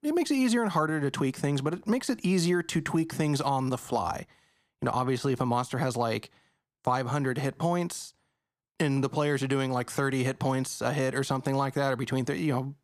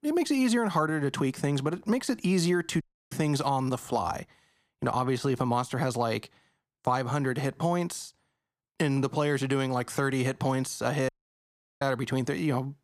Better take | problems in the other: first | audio cutting out; at 3 s and at 11 s for 0.5 s

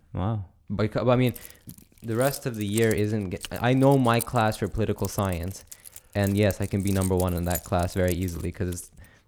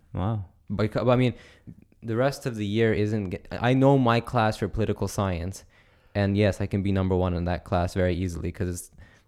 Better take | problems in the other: second | jangling keys; noticeable; from 1.5 to 8.5 s; peak 8 dB below the speech

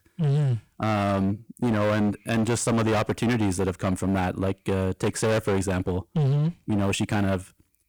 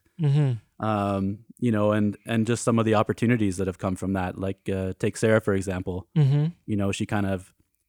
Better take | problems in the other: second | distortion; heavy; 25% of the sound clipped

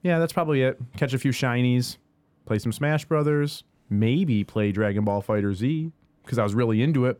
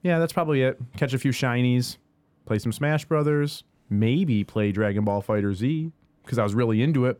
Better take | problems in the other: neither | none

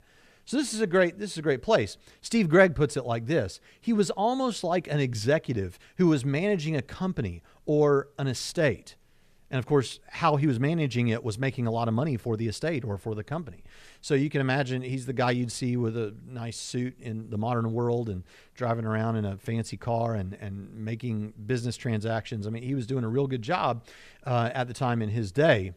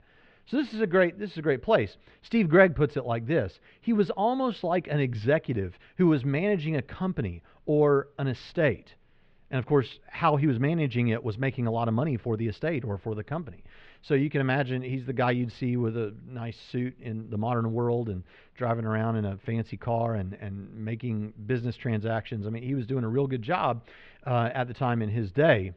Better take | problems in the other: first | muffled; slightly; fading above 3.5 kHz

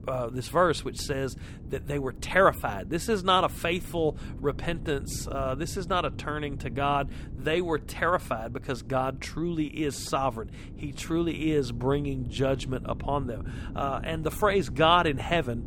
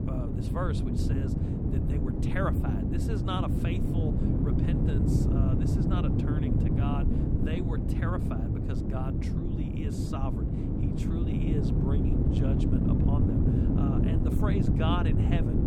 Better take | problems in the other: first | wind noise on the microphone; heavy; 3 dB above the speech; occasional gusts in the first

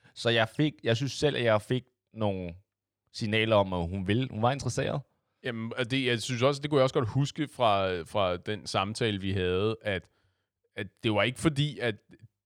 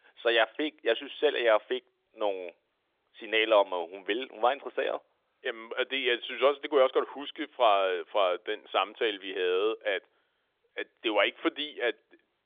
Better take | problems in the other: first | phone-call audio; nothing above 3.5 kHz

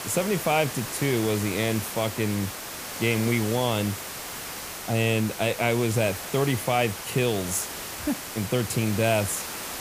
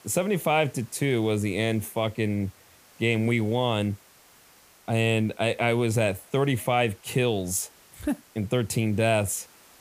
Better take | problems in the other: second | hiss; loud; throughout; 7 dB below the speech; faint in the second

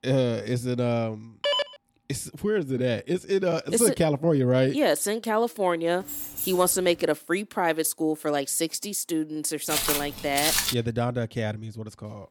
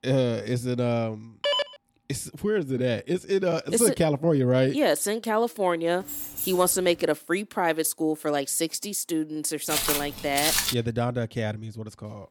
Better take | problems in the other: neither | phone ringing; loud; at 1.5 s; peak level with the speech; the same in both // jangling keys; noticeable; at 6 s; peak 5 dB below the speech; the same in both // footsteps; loud; from 9.5 to 11 s; peak 3 dB above the speech; the same in both

